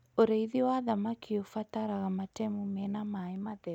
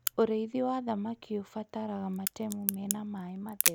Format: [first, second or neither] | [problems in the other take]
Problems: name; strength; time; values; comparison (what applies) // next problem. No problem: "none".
first | background sound (Crack); 4 dB below the speech